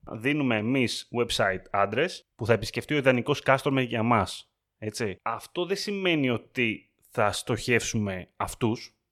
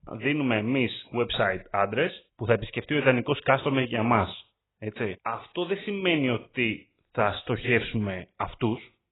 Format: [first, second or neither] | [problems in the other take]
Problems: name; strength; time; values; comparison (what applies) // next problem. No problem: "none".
first | garbled, watery; badly; nothing above 4 kHz